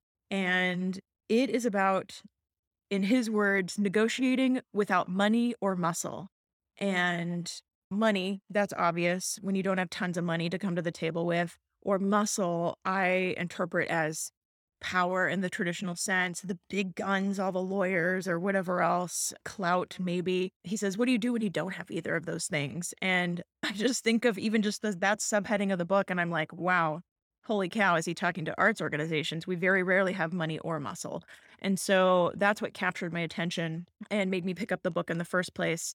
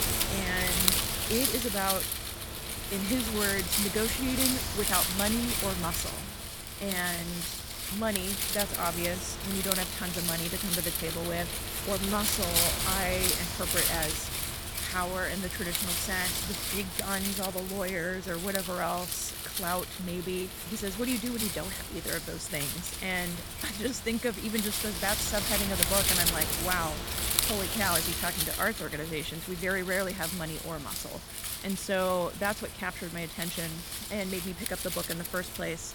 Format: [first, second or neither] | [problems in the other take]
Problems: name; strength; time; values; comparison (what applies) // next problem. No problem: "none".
first | wind noise on the microphone; heavy; 1 dB above the speech